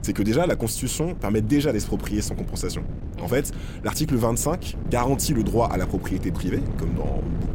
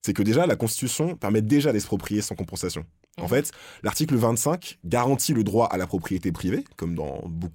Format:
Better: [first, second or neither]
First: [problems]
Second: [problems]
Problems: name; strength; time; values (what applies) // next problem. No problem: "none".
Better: second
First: wind noise on the microphone; occasional gusts; 15 dB below the speech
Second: none